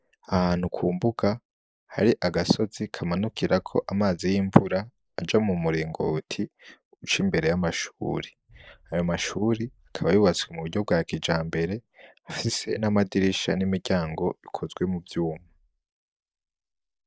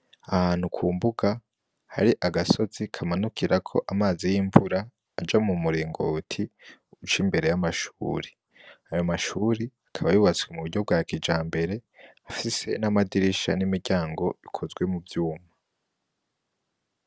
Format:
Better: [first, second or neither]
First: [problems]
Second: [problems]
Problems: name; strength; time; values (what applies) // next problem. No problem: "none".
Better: second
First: noise reduction (neural mask model Resemble Enhance denoiser)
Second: none